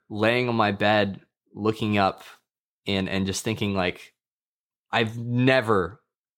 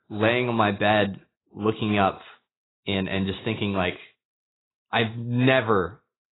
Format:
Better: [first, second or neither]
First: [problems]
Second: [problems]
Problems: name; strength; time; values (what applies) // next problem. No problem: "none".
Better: first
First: none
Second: garbled, watery; badly; nothing above 4 kHz